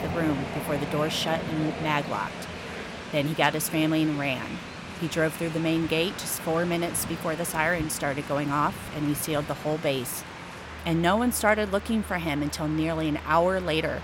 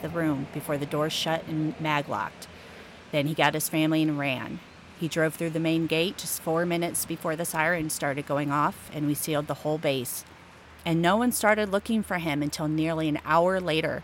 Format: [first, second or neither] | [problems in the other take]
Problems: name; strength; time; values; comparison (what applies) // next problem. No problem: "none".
second | train or aircraft noise; loud; throughout; 10 dB below the speech; faint in the second